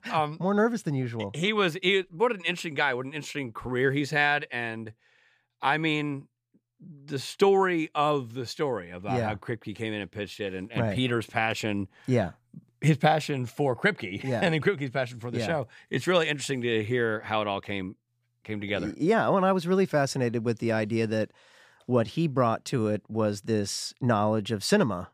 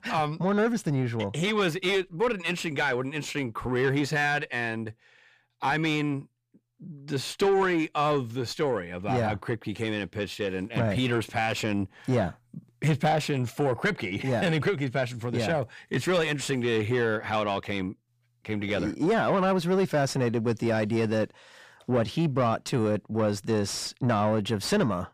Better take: first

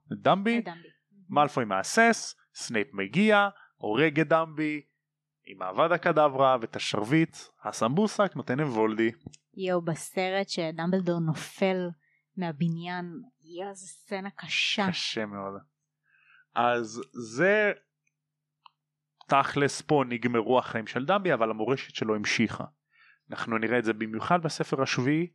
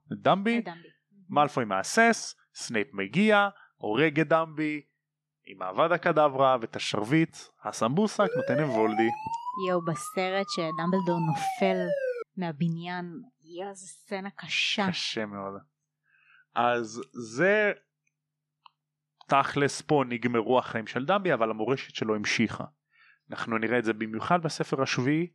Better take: first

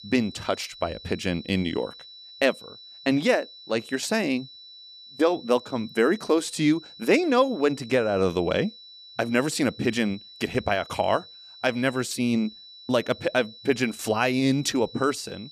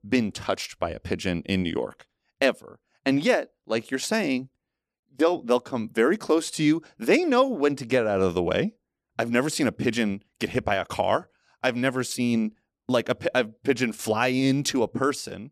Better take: second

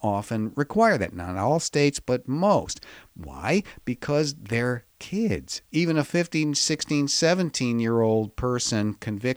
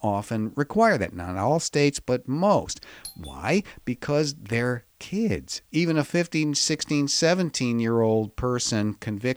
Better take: first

